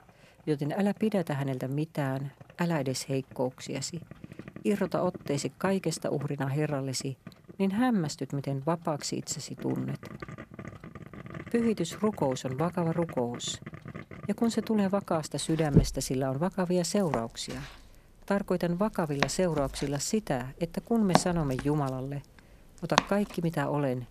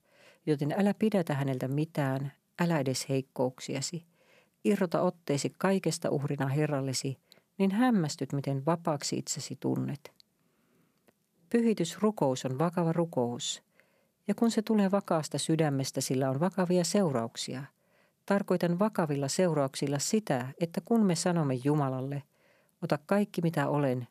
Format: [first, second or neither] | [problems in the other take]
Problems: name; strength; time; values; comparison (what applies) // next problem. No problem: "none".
second | household noises; loud; throughout; 6 dB below the speech